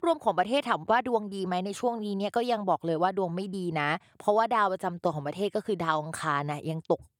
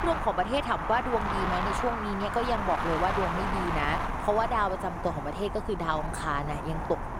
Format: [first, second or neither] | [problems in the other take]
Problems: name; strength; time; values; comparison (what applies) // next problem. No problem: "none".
first | wind noise on the microphone; heavy; 2 dB below the speech